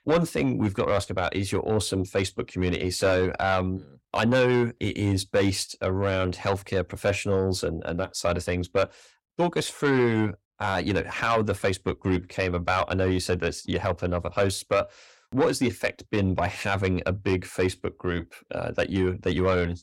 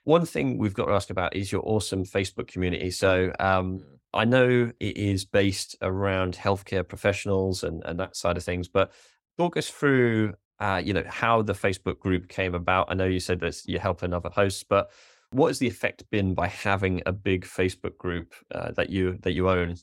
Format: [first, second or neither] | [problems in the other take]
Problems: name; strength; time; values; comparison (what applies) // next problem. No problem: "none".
second | distortion; slight; 10 dB below the speech